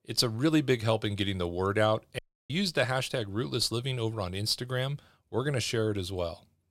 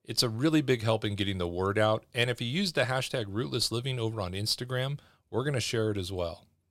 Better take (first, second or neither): second